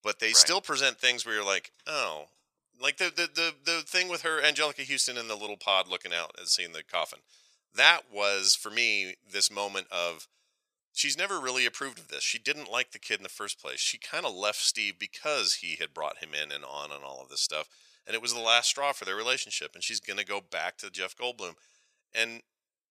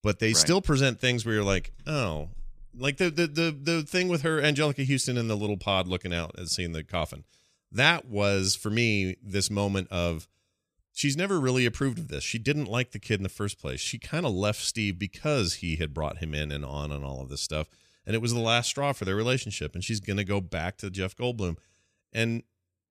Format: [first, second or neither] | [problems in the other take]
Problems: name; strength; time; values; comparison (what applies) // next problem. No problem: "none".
second | thin; very; fading below 800 Hz